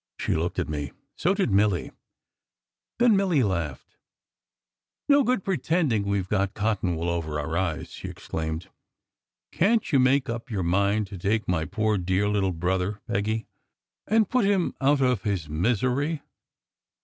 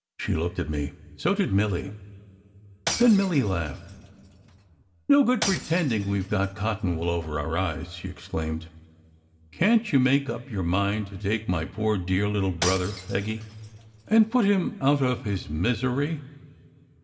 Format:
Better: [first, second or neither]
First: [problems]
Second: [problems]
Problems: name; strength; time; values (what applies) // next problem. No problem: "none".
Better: first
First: none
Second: background sound (Shatter / Crushing); 12 dB below the speech // room echo; dies away in 1.5 s